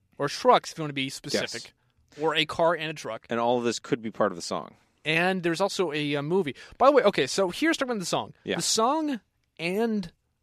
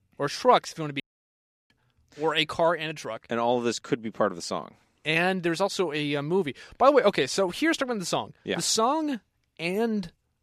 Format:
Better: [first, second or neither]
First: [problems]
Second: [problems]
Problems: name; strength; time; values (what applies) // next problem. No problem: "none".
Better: first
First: none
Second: audio cutting out; at 1 s for 0.5 s